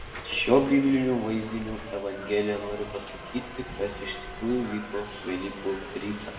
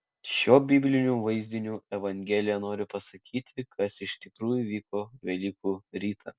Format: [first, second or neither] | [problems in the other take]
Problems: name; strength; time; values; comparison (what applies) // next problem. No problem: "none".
second | background sound (Subway, metro, underground); 11 dB below the speech // room echo; dies away in 0.8 s